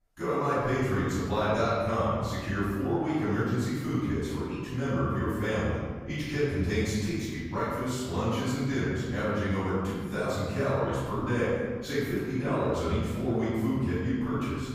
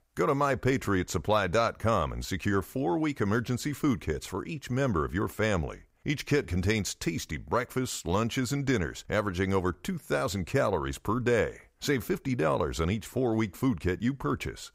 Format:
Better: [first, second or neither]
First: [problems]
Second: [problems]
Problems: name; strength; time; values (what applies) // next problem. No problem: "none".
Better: second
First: off-mic speech; far // room echo; strong; dies away in 1.6 s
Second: none